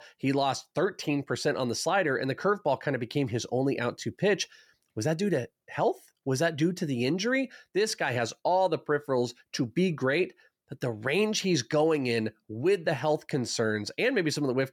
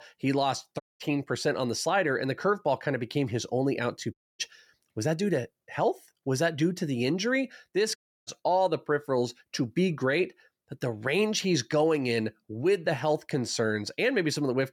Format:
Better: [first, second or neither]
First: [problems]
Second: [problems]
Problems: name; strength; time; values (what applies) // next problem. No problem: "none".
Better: first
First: none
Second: audio cutting out; at 1 s, at 4 s and at 8 s